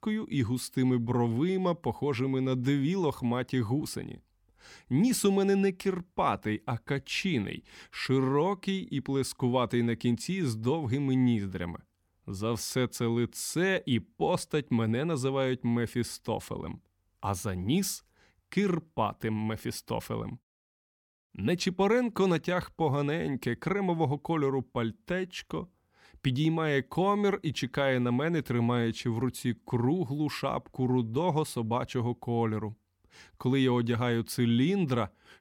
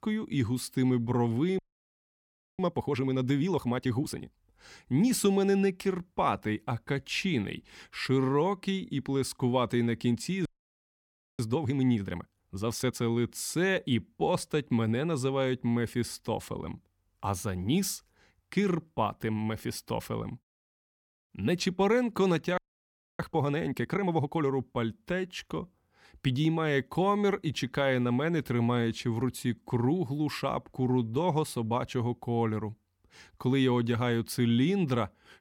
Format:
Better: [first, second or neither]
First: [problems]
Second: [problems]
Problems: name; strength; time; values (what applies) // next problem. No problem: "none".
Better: first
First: none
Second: audio freezing; at 1.5 s for 1 s, at 10 s for 1 s and at 23 s for 0.5 s